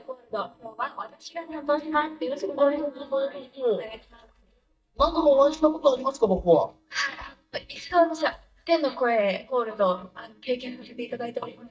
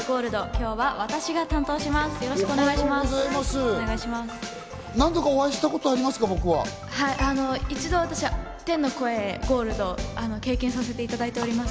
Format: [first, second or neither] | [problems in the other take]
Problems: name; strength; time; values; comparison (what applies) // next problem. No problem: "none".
second | noise reduction (neural mask model DeepFilterNet 3)